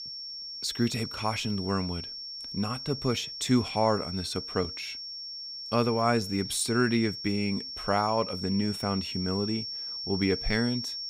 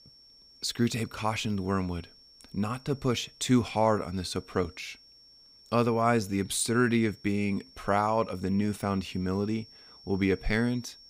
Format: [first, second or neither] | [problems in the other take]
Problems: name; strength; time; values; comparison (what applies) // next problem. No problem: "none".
second | high-pitched whine; loud; throughout; 5.5 kHz, 6 dB below the speech; faint in the second